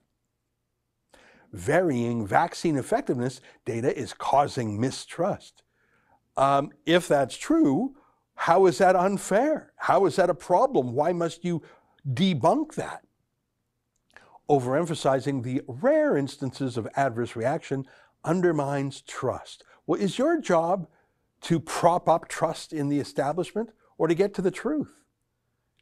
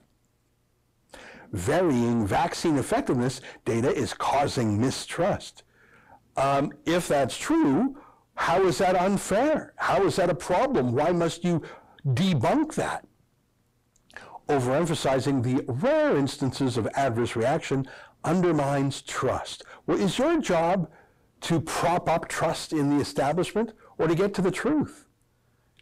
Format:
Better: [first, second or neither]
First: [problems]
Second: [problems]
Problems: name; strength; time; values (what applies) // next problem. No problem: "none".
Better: first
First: none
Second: distortion; heavy; 5 dB below the speech